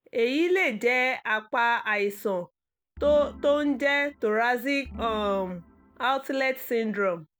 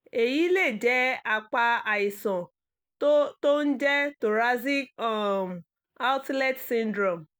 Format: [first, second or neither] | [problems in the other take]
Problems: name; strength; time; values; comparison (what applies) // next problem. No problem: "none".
second | background sound (Organ); 17 dB below the speech